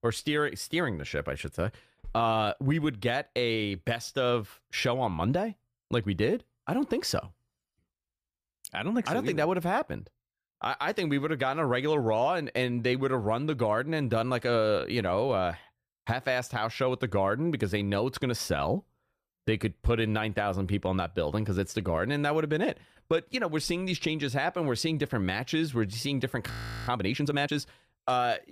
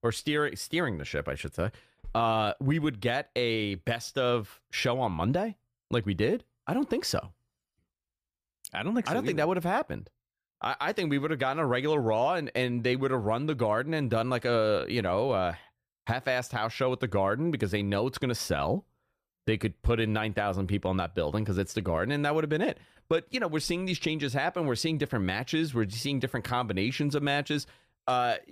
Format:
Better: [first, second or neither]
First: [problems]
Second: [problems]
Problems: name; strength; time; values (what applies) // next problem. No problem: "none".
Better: second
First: audio freezing; at 27 s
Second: none